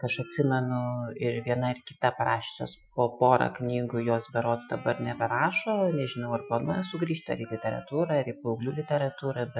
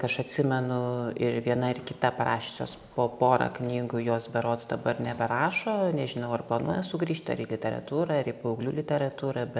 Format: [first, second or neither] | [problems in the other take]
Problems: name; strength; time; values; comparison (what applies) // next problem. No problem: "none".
second | noise reduction (classical method Wiener filter)